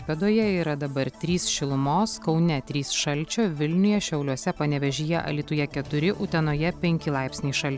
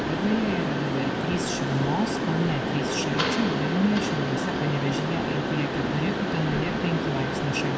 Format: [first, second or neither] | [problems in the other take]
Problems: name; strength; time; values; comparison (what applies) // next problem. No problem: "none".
first | background sound (Mechanisms); 1 dB above the speech // room echo; dies away in 1.7 s